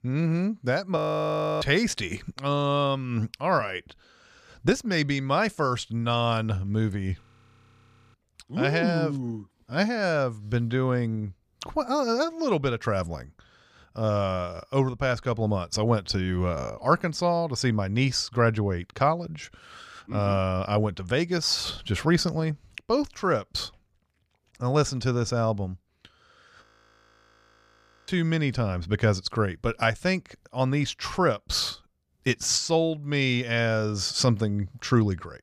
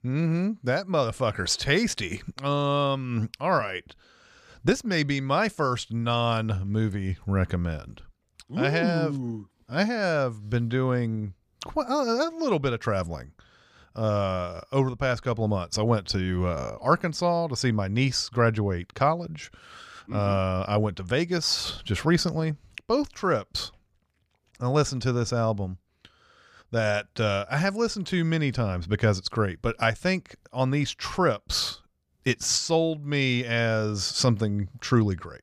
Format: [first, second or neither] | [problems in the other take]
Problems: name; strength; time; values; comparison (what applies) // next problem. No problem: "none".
second | audio freezing; at 1 s for 0.5 s, at 7 s for 1 s and at 27 s for 1.5 s